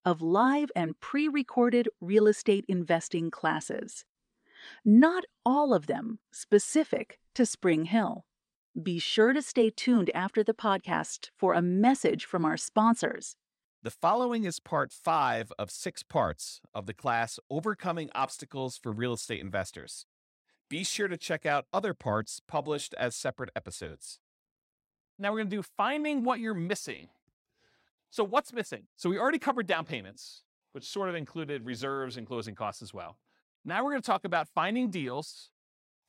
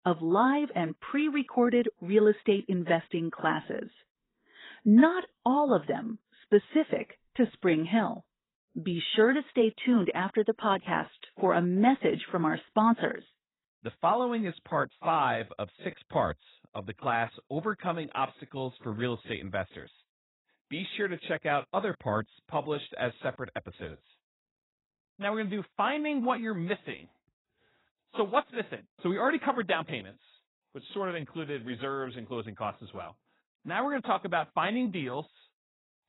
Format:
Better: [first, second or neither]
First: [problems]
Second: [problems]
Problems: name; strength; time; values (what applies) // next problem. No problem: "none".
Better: first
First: none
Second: garbled, watery; badly; nothing above 4 kHz